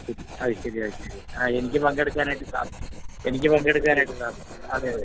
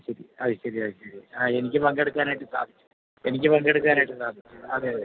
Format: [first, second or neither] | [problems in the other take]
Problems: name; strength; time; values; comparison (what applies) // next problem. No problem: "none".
second | background sound (Writing); 12 dB below the speech